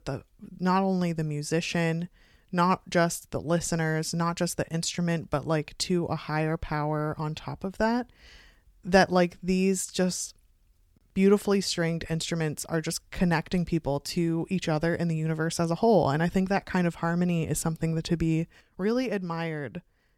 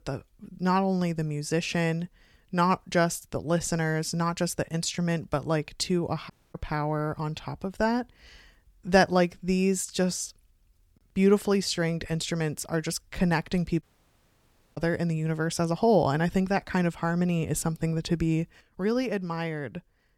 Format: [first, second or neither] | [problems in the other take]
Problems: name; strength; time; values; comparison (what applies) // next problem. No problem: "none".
first | audio cutting out; at 6.5 s and at 14 s for 1 s